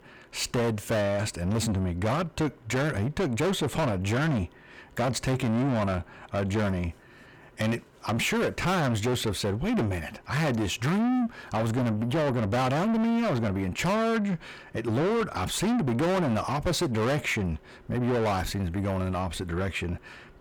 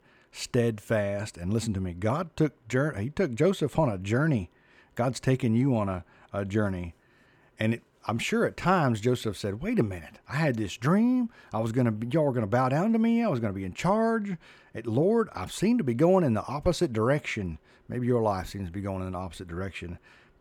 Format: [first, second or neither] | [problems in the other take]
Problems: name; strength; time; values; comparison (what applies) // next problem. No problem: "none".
second | distortion; heavy; 6 dB below the speech